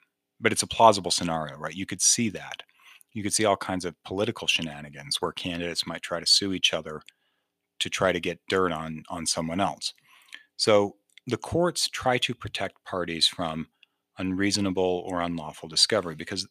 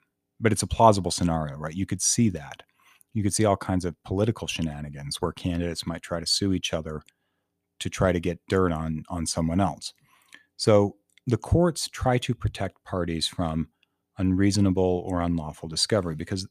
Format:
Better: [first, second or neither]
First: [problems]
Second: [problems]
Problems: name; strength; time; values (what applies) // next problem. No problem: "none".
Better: second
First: thin; very slightly; fading below 800 Hz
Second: none